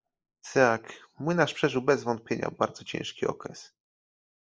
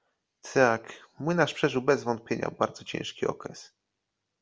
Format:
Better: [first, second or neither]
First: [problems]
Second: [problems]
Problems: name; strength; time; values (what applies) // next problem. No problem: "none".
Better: second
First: noise reduction (neural mask model Resemble Enhance denoiser)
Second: none